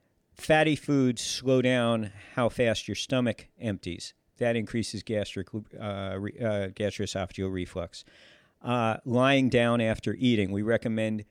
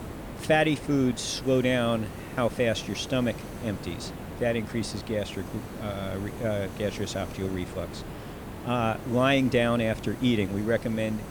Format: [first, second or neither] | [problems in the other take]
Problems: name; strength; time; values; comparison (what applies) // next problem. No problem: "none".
first | hiss; noticeable; throughout; 10 dB below the speech